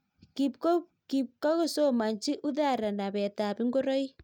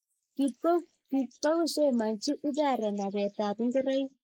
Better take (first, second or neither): first